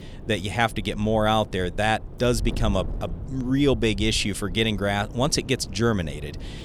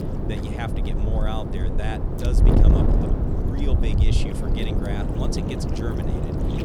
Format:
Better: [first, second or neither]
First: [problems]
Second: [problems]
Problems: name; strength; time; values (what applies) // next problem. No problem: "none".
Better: first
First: wind noise on the microphone; occasional gusts; 20 dB below the speech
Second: wind noise on the microphone; heavy; 3 dB above the speech